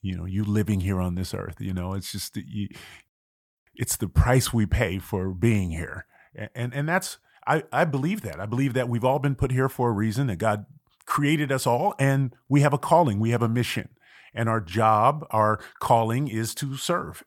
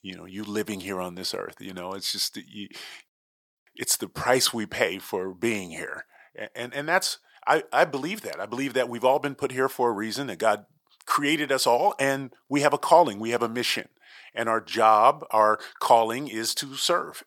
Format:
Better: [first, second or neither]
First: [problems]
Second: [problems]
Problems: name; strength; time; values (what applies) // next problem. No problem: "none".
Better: first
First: none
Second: thin; somewhat; fading below 400 Hz